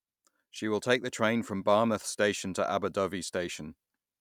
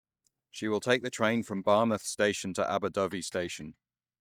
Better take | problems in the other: first | noise reduction (neural mask model DeepFilterNet 3)

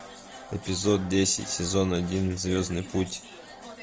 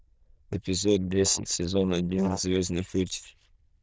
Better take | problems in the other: first | noise reduction (neural diffusion model UNIVERSE++)

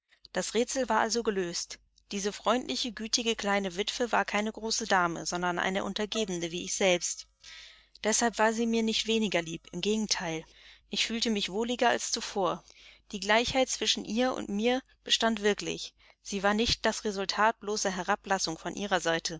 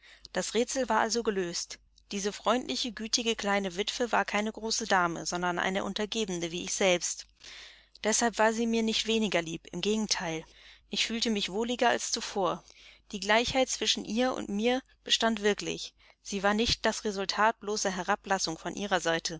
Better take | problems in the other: second | noise reduction (neural mask model DeepFilterNet 3)

